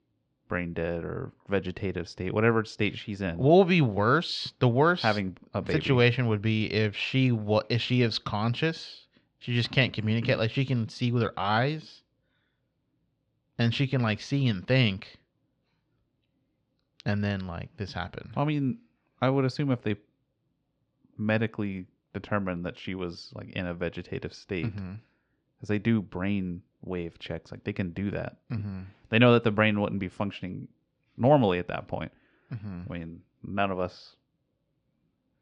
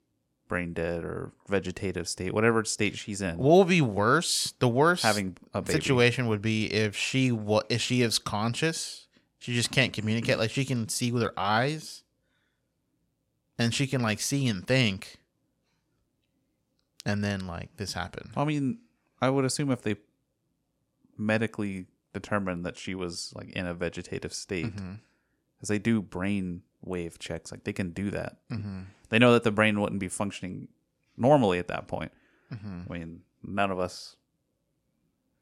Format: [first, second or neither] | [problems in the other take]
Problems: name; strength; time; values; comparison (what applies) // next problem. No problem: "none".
second | muffled; very slightly; fading above 4 kHz